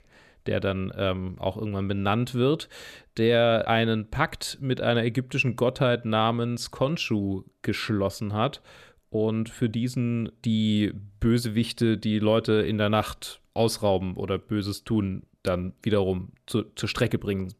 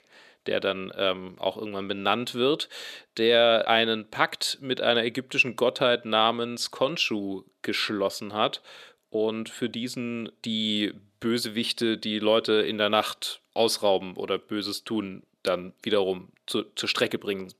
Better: first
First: none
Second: thin; somewhat; fading below 300 Hz

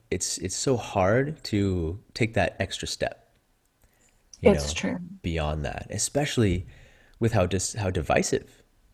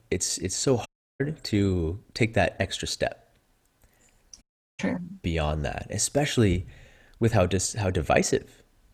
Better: first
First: none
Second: audio cutting out; at 1 s and at 4.5 s

